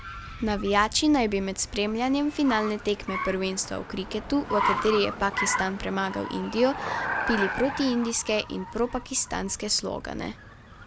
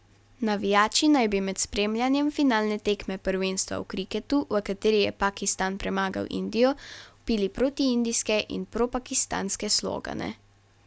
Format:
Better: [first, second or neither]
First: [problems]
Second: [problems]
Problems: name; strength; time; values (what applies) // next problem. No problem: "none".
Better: second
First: background sound (Car); 7 dB below the speech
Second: none